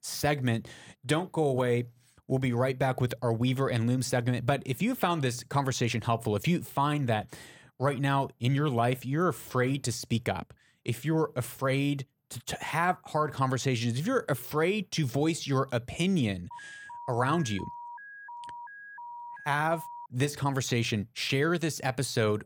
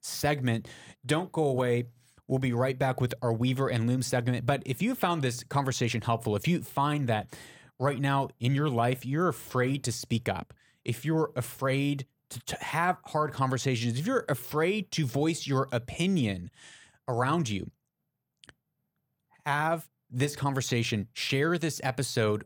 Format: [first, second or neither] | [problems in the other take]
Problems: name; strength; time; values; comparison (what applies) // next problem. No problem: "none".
second | alarm; faint; from 17 to 20 s; peak 15 dB below the speech